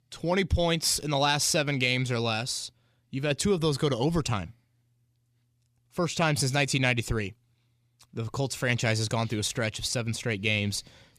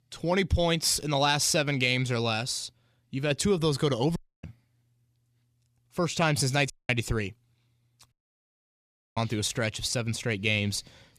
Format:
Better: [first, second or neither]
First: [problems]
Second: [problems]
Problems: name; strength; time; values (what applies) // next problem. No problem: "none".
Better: first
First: none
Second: audio cutting out; at 4 s, at 6.5 s and at 8 s for 1 s